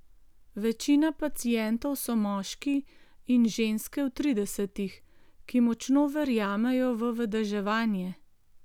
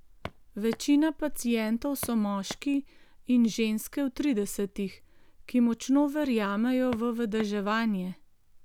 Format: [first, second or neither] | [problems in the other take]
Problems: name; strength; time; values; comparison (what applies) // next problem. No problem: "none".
first | background sound (Walk, footsteps); 15 dB below the speech